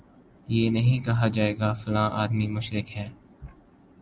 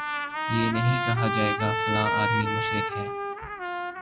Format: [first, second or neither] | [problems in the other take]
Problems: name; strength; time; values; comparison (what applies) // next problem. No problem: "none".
first | background sound (Trumpet); 1 dB above the speech